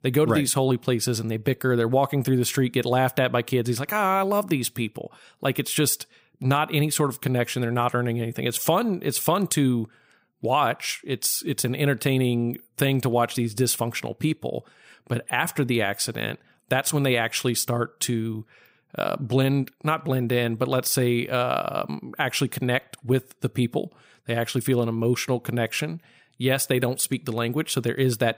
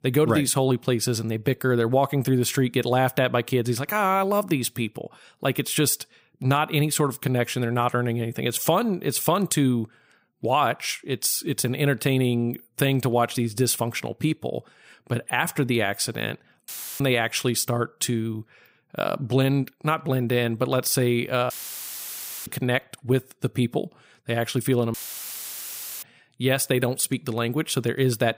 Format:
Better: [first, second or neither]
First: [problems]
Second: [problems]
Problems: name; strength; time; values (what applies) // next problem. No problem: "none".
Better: first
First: none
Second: audio cutting out; filled with static; at 17 s, at 22 s for 1 s and at 25 s for 1 s